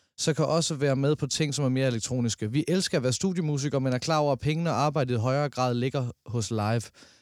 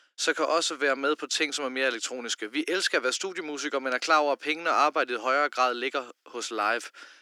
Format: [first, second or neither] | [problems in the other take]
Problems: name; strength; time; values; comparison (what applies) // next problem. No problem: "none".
first | thin; very; fading below 300 Hz